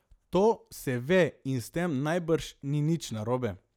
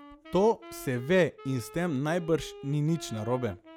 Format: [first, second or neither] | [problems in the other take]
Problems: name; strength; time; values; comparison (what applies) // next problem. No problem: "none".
first | background sound (Wind instrument, woodwind instrument); 18 dB below the speech